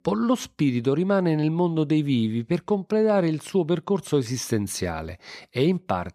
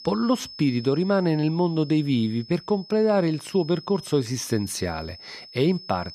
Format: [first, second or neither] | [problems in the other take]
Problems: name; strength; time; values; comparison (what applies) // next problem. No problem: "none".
first | high-pitched whine; noticeable; throughout; 5 kHz, 15 dB below the speech